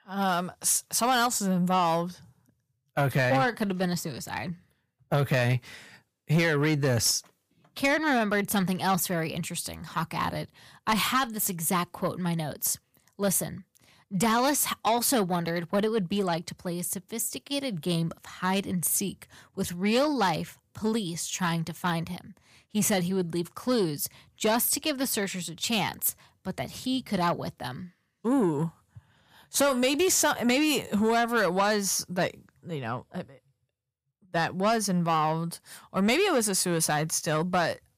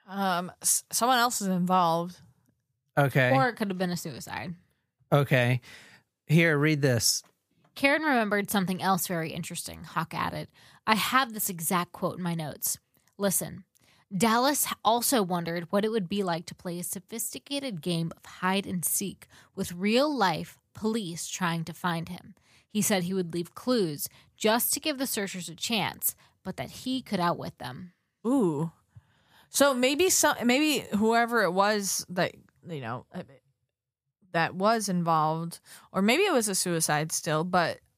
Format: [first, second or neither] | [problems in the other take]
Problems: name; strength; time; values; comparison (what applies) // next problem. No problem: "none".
second | distortion; slight; 10 dB below the speech